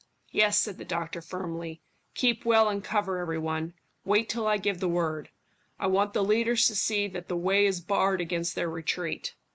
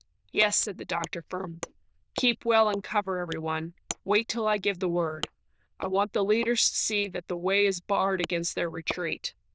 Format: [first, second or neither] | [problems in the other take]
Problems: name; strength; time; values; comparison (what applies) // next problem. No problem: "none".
first | noise reduction (neural diffusion model UNIVERSE++)